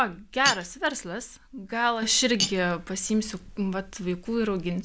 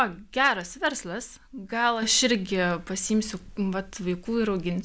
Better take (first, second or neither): second